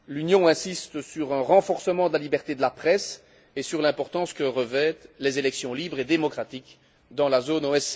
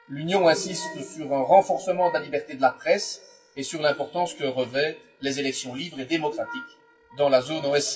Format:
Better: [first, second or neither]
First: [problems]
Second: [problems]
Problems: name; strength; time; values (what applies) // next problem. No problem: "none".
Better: first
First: none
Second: noise reduction (classical method WPE with log-MMSE)